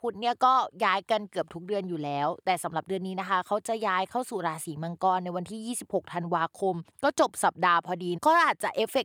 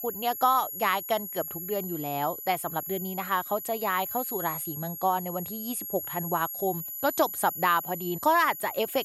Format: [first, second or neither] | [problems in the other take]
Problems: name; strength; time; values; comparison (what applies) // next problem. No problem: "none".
first | high-pitched whine; loud; throughout; 11.5 kHz, 6 dB below the speech